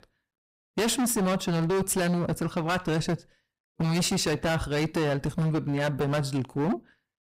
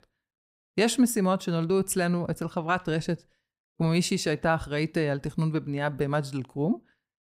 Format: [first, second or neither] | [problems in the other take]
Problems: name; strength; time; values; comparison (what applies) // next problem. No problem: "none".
second | distortion; heavy; 23% of the sound clipped